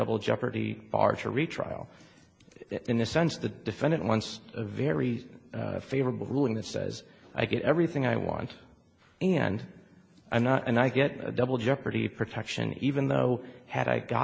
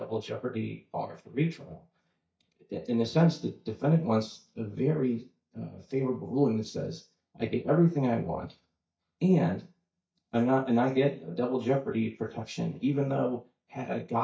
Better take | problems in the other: first | noise reduction (neural mask model DeepFilterNet 3)

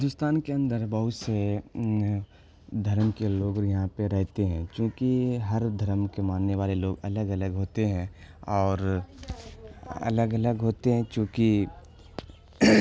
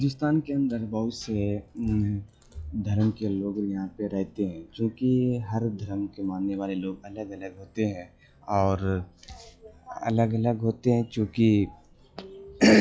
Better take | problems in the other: first | noise reduction (classical method log-MMSE)

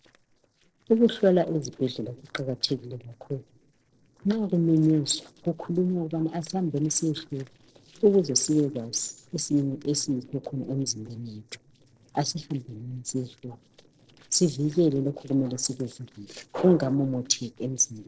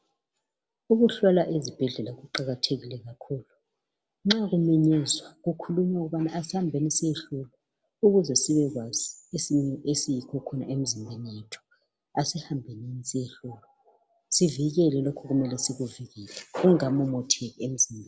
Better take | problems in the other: second | noise reduction (neural separator model SepFormer DNS4)

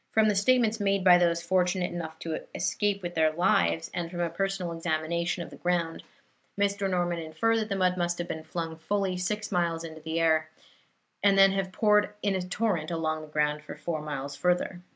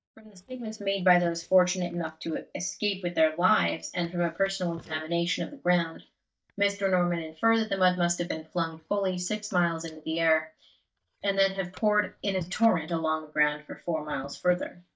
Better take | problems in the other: first | noise reduction (neural mask model DeepFilterNet 3)

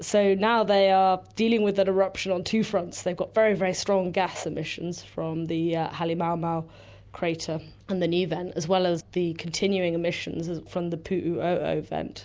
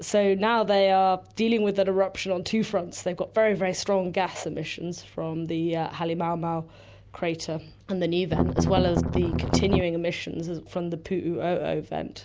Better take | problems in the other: first | background sound (Strum); 2 dB above the speech

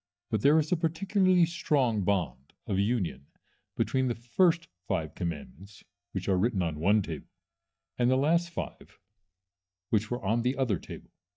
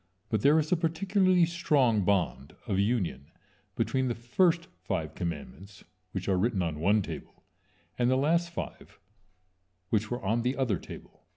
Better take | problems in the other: second | noise reduction (neural mask model DeepFilterNet 3)

